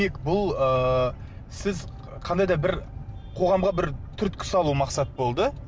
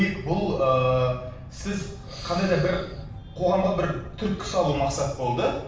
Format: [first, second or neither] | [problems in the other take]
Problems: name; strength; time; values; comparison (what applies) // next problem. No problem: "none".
first | background sound (Respiratory sounds); 18 dB below the speech // room echo; dies away in 0.7 s